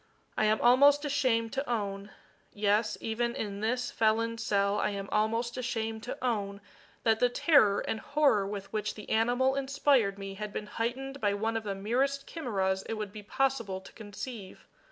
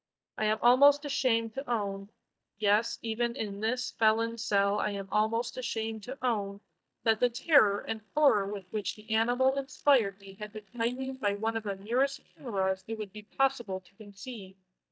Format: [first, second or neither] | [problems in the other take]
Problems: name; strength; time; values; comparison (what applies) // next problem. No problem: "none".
first | noise reduction (neural mask model DeepFilterNet 3)